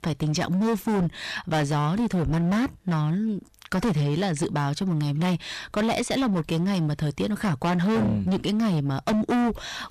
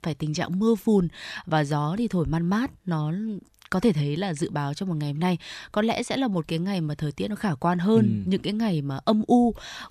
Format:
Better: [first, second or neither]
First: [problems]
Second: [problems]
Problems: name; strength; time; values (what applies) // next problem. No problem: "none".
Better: second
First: distortion; heavy; 22% of the sound clipped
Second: none